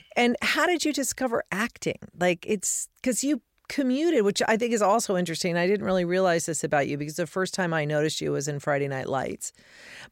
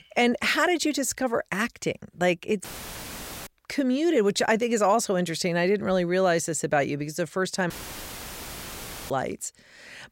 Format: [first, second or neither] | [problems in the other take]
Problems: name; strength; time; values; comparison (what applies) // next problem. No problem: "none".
first | audio cutting out; filled with static; at 2.5 s for 1 s and at 7.5 s for 1.5 s